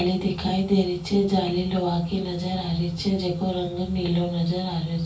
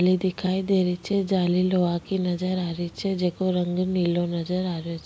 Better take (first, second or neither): second